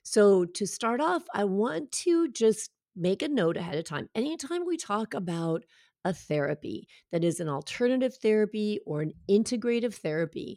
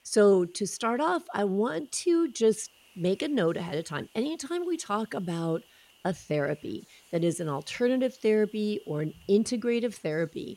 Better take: first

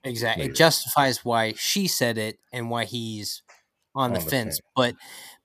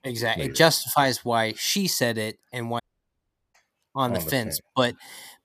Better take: first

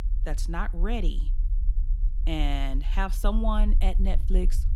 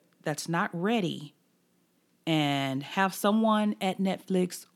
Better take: second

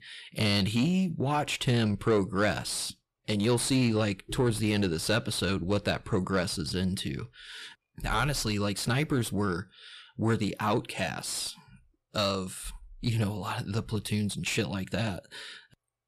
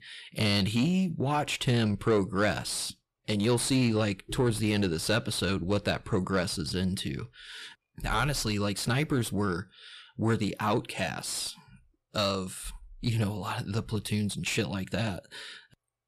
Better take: neither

